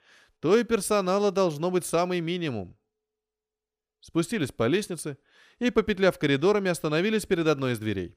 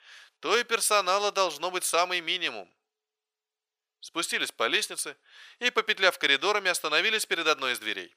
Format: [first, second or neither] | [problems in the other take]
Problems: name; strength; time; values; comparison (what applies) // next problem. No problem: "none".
first | thin; very; fading below 850 Hz